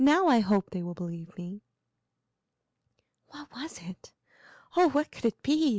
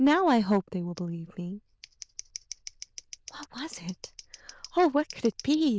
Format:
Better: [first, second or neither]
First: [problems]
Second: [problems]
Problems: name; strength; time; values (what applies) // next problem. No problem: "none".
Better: first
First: none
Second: noise reduction (neural diffusion model UNIVERSE++)